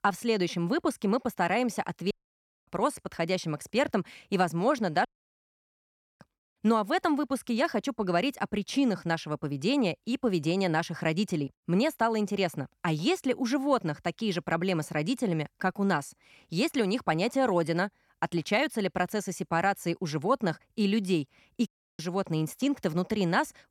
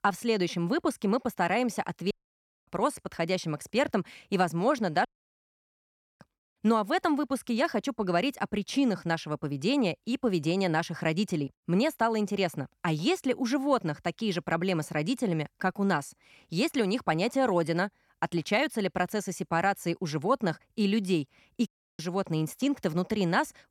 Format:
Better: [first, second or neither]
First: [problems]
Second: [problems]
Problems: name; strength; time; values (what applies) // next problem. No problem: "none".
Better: neither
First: audio cutting out; at 2 s for 0.5 s, at 5 s for 1 s and at 22 s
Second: audio cutting out; at 2 s for 0.5 s, at 5 s for 1 s and at 22 s